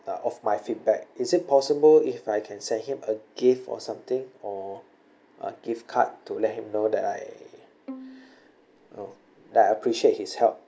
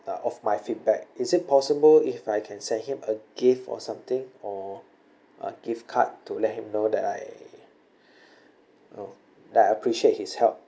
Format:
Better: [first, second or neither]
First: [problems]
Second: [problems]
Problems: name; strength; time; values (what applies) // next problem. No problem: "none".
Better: second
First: background sound (Bowed string instrument); 20 dB below the speech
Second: none